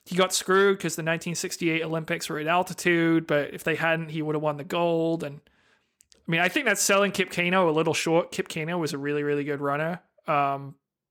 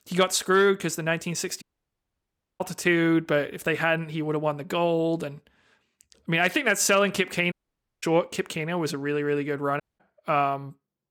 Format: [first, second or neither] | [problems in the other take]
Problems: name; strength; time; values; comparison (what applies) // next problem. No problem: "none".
first | audio cutting out; at 1.5 s for 1 s, at 7.5 s for 0.5 s and at 10 s